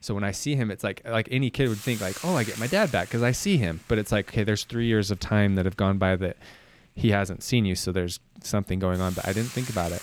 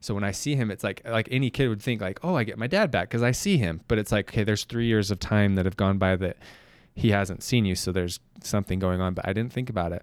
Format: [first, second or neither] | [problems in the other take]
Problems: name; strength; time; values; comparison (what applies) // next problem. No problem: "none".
second | hiss; noticeable; throughout; 15 dB below the speech